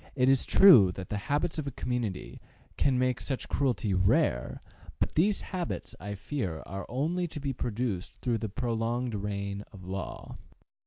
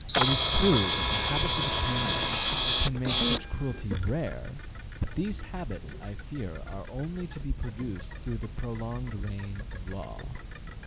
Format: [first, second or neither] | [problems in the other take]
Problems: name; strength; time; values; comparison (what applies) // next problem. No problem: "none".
first | background sound (Camera); 1 dB above the speech